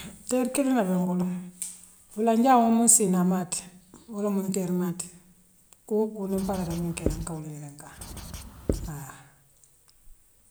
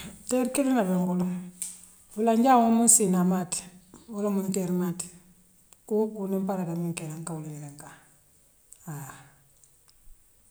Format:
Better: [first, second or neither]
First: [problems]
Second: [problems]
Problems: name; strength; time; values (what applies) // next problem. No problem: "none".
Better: second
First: background sound (Writing); 8 dB below the speech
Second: none